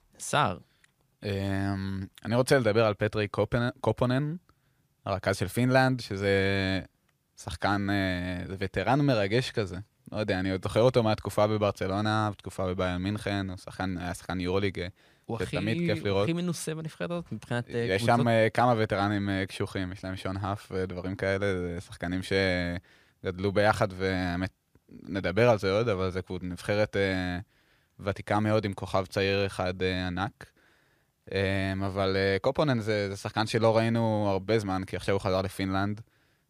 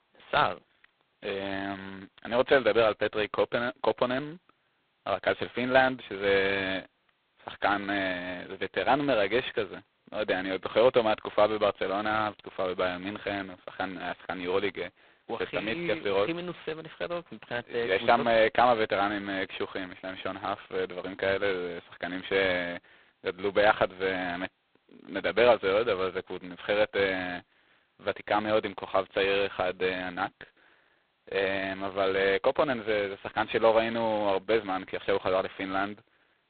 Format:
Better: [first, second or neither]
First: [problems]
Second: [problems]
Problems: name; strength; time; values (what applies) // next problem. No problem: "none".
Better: first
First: none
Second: phone-call audio; poor line; nothing above 4 kHz